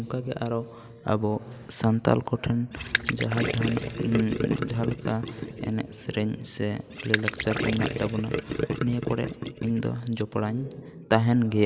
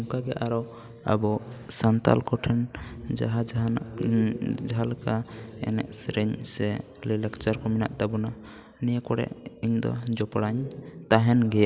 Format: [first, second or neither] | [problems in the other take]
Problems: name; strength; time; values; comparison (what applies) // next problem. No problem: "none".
second | background sound (Gurgling); 4 dB below the speech